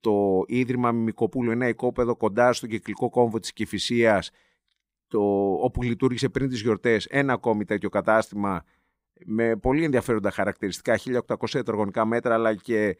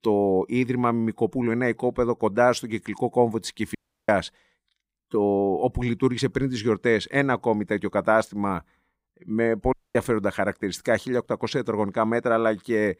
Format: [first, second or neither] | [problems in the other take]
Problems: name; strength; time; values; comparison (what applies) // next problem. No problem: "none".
first | audio cutting out; at 4 s and at 9.5 s